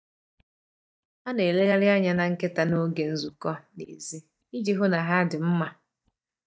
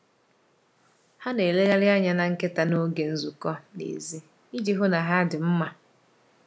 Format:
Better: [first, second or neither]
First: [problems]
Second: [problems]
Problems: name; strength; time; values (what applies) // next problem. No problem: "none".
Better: second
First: noise reduction (neural mask model DeepFilterNet 3)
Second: none